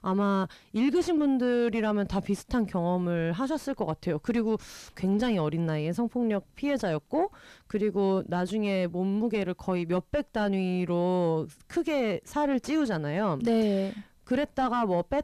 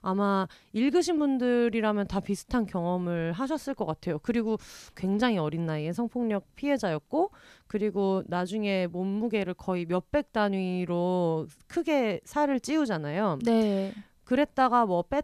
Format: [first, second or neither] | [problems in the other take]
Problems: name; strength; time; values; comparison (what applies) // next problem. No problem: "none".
second | distortion; slight; 10 dB below the speech